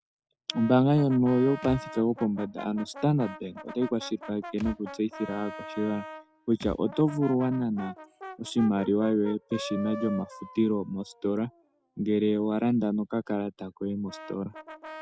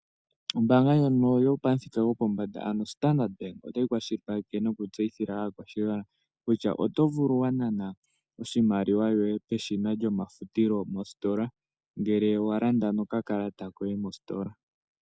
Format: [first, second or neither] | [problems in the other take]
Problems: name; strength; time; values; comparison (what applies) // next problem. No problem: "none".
second | background sound (Thump, thud + Brass instrument); 15 dB below the speech